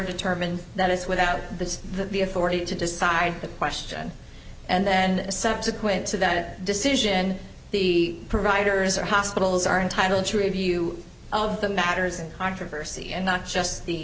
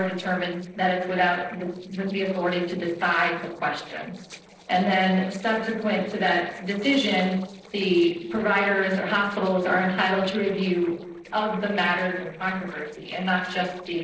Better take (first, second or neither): first